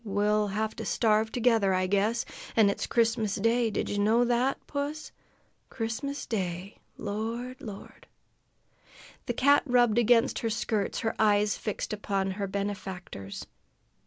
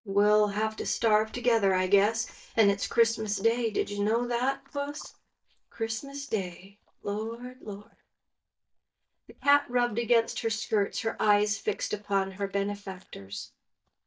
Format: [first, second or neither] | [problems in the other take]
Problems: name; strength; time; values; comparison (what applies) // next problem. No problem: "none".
first | noise reduction (neural mask model DeepFilterNet 3)